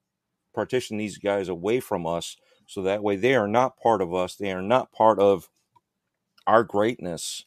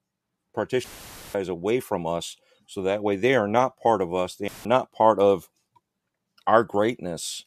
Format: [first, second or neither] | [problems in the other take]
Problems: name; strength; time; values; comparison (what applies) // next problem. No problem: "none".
first | audio cutting out; filled with static; at 1 s for 0.5 s and at 4.5 s